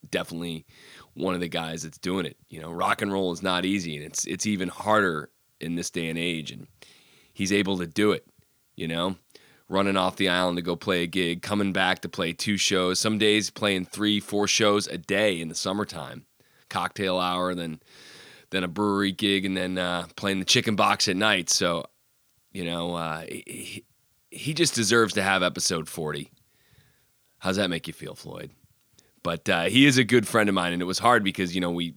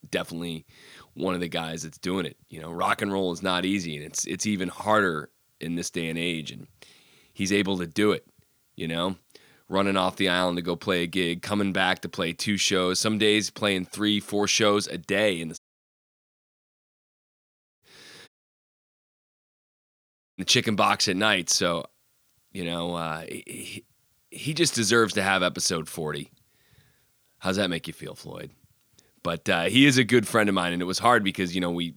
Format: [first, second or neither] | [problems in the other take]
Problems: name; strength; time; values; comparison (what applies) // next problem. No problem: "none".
first | audio cutting out; at 16 s for 2 s and at 18 s for 2 s